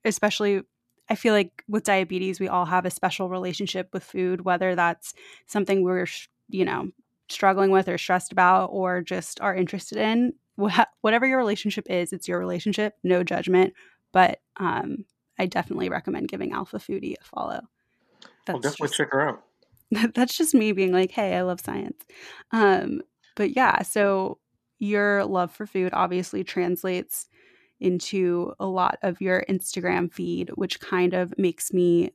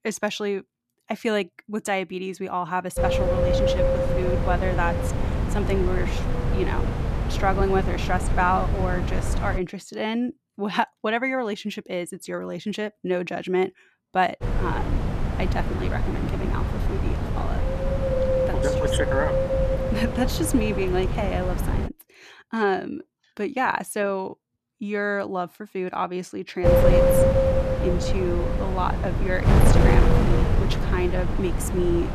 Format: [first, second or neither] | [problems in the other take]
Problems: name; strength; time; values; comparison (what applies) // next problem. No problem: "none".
first | wind noise on the microphone; heavy; from 3 to 9.5 s, from 14 to 22 s and from 27 s on; as loud as the speech